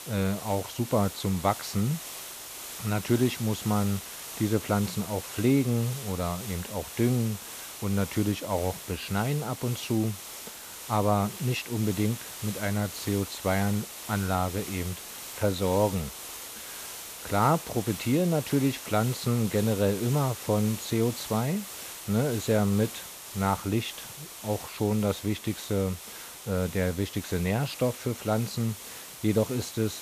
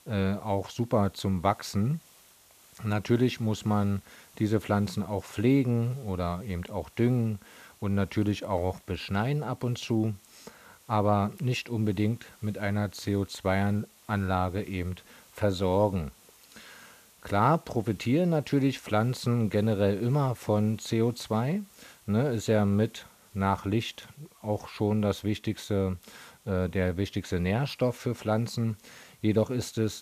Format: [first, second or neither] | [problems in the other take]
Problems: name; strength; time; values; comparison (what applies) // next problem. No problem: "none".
second | hiss; loud; throughout; 10 dB below the speech; faint in the second